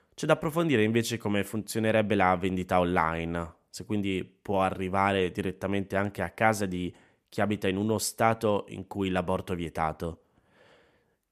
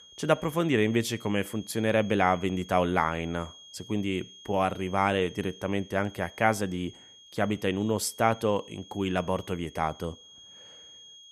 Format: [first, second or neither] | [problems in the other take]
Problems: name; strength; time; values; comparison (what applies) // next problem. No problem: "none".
first | high-pitched whine; noticeable; throughout; 3.5 kHz, 20 dB below the speech